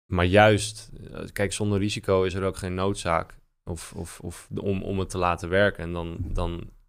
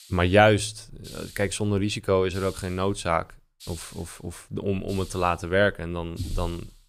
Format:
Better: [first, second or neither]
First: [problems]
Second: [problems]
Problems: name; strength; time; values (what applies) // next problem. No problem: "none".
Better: first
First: none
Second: hiss; faint; throughout; 20 dB below the speech